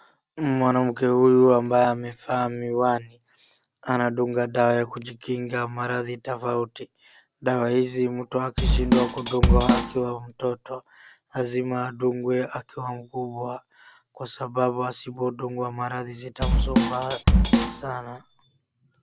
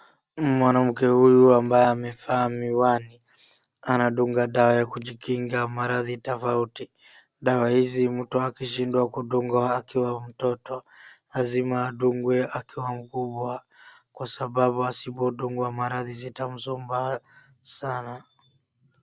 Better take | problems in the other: second | background sound (Drum kit); 4 dB above the speech

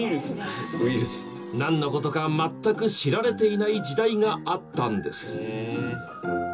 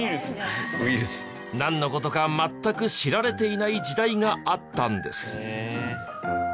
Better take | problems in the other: second | room echo; dies away in 0.2 s

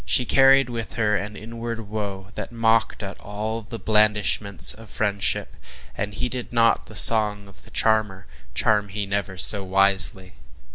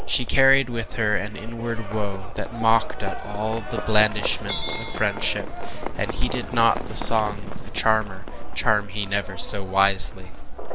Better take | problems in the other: first | background sound (Livestock, farm animals, working animals); 13 dB below the speech

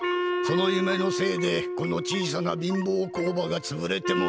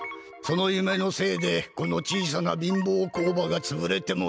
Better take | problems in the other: second | background sound (Wind instrument, woodwind instrument); 2 dB below the speech

